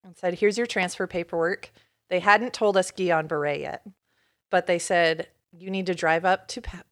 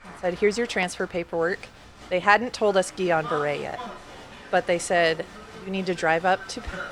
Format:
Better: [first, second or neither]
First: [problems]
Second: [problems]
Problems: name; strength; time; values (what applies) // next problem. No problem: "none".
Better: first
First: none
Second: crowd noise; noticeable; throughout; 15 dB below the speech